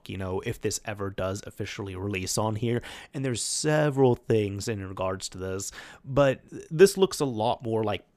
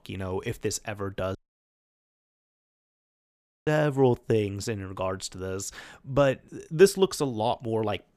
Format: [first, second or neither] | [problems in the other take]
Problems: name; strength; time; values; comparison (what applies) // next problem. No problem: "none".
first | audio cutting out; at 1.5 s for 2.5 s